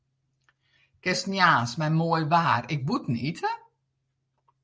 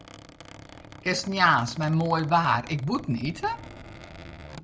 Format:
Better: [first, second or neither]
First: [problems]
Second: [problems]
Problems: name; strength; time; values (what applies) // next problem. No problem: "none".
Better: first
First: none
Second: background sound (Squeak); 17 dB below the speech